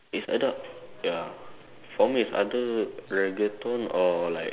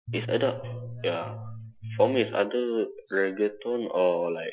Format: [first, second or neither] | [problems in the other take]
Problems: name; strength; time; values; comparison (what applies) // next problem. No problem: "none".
first | noise reduction (classical method Wiener filter)